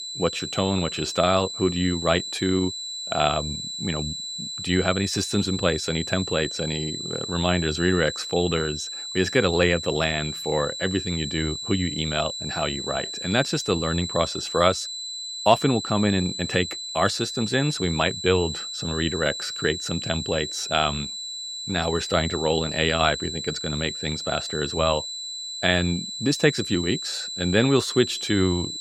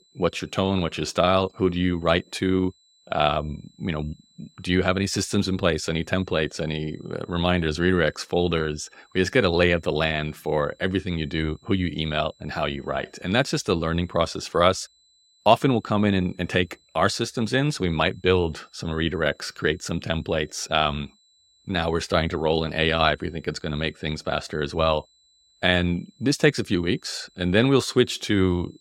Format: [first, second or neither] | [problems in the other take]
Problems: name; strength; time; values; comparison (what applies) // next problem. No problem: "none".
second | high-pitched whine; loud; throughout; 4 kHz, 6 dB below the speech; faint in the second